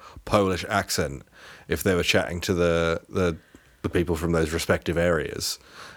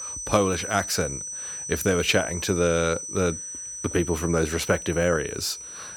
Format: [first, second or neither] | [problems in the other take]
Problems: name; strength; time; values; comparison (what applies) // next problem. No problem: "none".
first | high-pitched whine; loud; throughout; 6 kHz, 7 dB below the speech